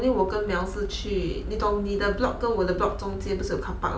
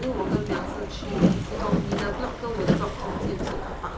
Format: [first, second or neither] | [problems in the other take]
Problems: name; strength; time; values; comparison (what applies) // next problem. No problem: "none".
first | background sound (Boat, Water vehicle); 5 dB above the speech